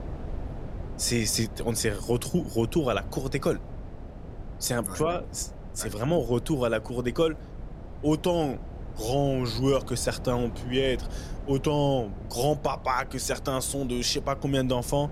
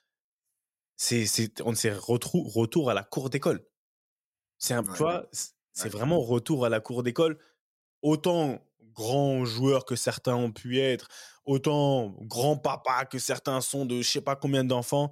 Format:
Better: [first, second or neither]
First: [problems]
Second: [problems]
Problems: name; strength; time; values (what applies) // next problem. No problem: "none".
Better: second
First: wind noise on the microphone; occasional gusts; 20 dB below the speech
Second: none